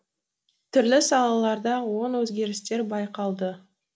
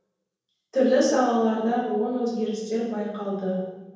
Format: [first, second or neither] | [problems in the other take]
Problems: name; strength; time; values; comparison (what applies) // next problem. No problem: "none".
first | room echo; dies away in 1.1 s